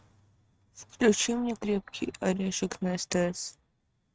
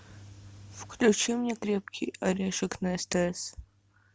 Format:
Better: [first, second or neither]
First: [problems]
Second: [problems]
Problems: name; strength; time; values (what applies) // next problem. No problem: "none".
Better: second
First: noise reduction (neural mask model RNNoise)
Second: none